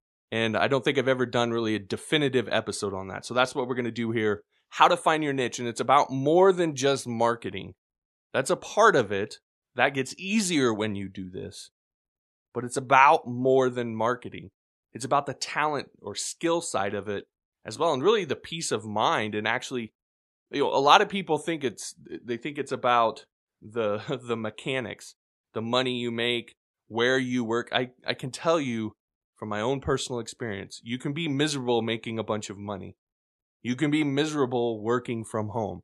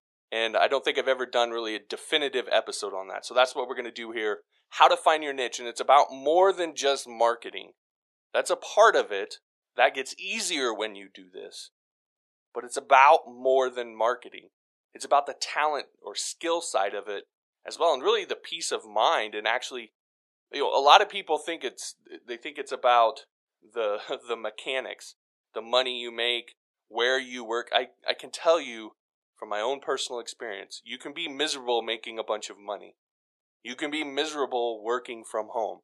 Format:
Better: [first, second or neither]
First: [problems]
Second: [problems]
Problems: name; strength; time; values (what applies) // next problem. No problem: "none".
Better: first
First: none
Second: thin; very; fading below 400 Hz